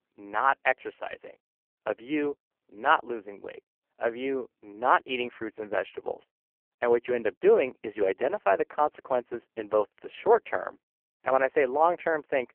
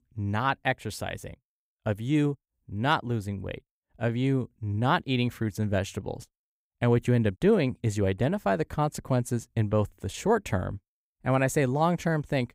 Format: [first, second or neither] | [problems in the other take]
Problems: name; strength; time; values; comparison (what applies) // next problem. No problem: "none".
second | phone-call audio; poor line; nothing above 3 kHz